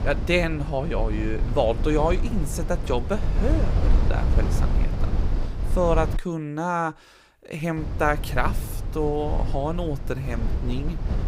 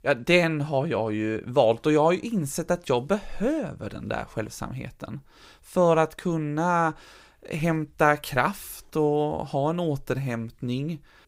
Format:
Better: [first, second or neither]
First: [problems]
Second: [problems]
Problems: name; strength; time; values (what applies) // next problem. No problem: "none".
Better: second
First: low rumble; noticeable; until 6 s and from 8 s on; 10 dB below the speech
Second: none